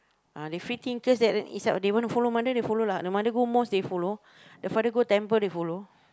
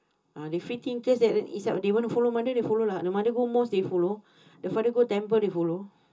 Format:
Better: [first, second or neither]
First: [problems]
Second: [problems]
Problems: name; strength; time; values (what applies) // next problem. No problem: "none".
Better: first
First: none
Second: room echo; dies away in 0.2 s